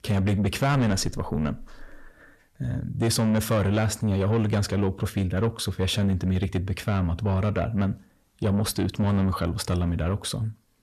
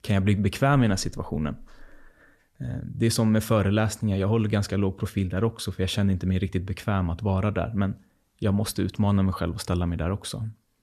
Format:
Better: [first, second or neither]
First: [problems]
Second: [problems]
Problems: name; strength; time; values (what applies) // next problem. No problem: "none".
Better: second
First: distortion; slight; 10 dB below the speech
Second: none